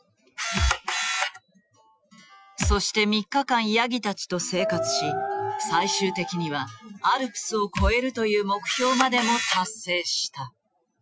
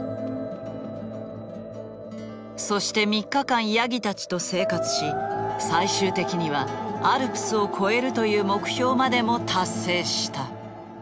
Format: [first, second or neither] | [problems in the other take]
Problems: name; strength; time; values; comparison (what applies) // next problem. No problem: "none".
second | noise reduction (classical method Wiener filter)